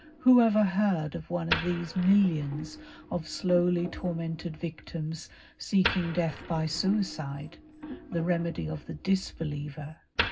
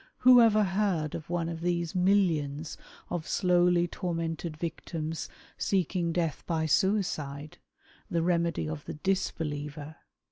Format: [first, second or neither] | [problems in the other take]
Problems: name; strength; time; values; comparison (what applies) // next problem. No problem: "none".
second | background sound (Wood); 11 dB below the speech // room echo; dies away in 0.4 s